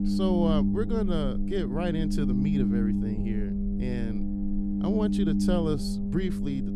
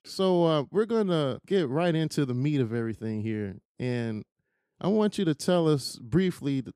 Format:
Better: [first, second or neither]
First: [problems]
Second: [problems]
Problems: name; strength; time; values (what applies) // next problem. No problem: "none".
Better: second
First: low rumble; loud; throughout; 1 dB below the speech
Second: none